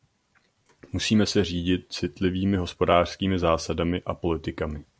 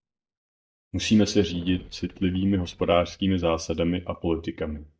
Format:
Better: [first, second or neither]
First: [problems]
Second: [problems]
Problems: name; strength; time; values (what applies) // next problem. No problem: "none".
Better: first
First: none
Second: noise reduction (neural mask model DeepFilterNet 3)